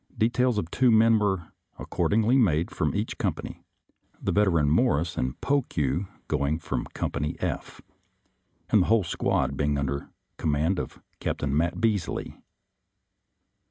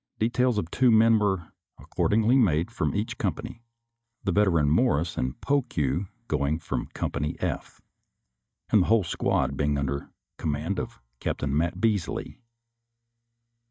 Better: first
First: none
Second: noise reduction (neural mask model DeepFilterNet 3)

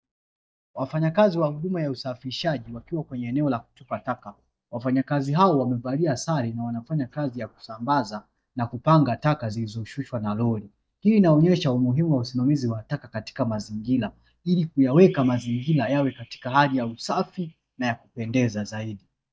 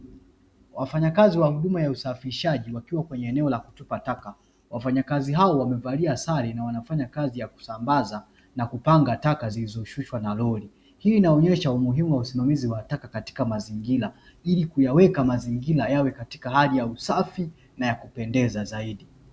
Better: second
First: noise reduction (neural mask model DeepFilterNet 3)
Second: none

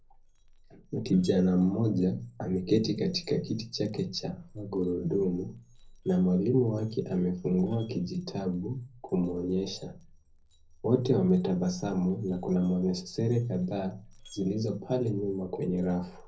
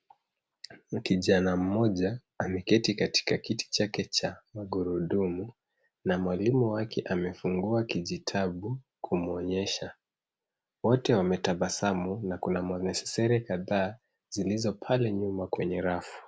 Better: second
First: noise reduction (neural separator model SepFormer DNS4)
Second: none

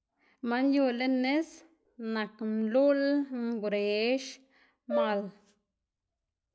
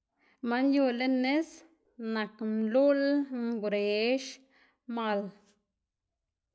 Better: second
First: background sound (Brass instrument); 6 dB below the speech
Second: none

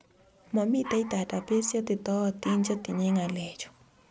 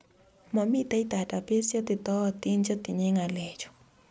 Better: second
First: background sound (Dog); 15 dB below the speech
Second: none

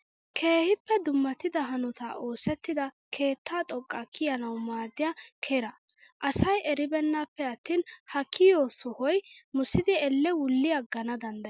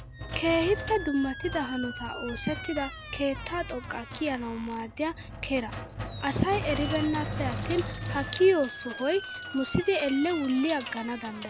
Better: first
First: none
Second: background sound (Sink (filling or washing) + Squeak); 8 dB below the speech

